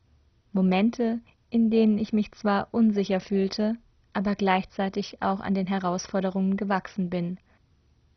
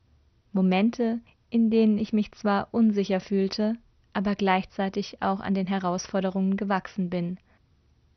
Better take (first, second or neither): second